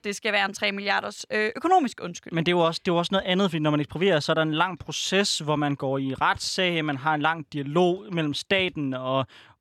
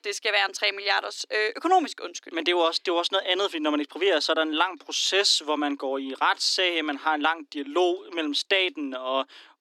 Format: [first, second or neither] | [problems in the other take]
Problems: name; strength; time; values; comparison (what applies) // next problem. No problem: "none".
first | thin; very slightly; fading below 300 Hz